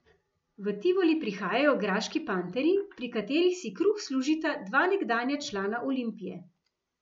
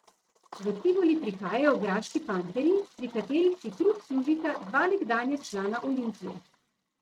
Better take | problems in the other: first | noise reduction (neural mask model RNNoise)

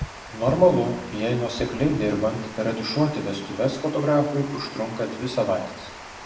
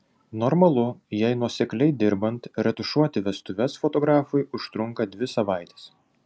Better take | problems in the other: second | background sound (Water); 14 dB below the speech // room echo; dies away in 0.7 s

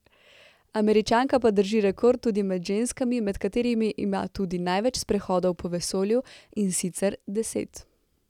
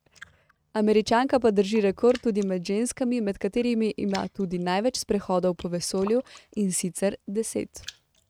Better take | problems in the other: first | noise reduction (neural mask model RNNoise)

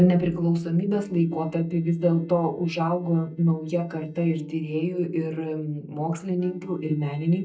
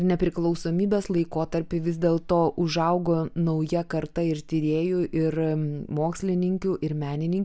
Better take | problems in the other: second | noise reduction (neural mask model DeepFilterNet 3)

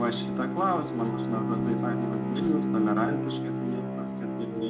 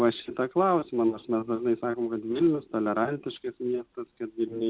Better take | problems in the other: second | background sound (Bowed string instrument); 1 dB above the speech // room echo; dies away in 0.3 s

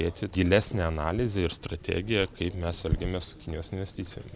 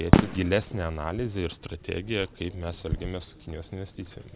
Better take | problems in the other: first | background sound (Fireworks); 3 dB above the speech

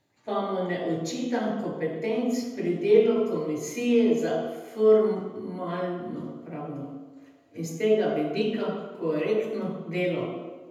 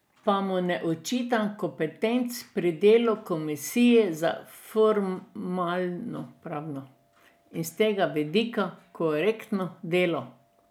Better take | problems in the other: second | room echo; dies away in 1.1 s

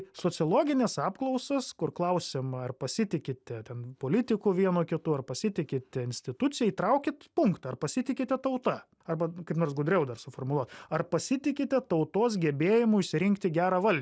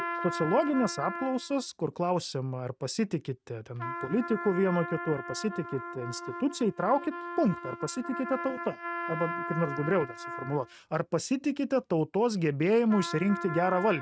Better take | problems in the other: first | noise reduction (neural mask model RNNoise)

